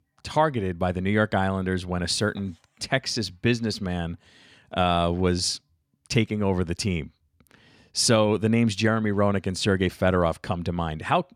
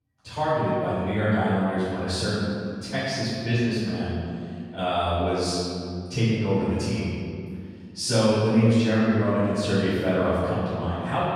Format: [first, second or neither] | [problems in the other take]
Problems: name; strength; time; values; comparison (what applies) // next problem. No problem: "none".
first | off-mic speech; far // room echo; strong; dies away in 2.1 s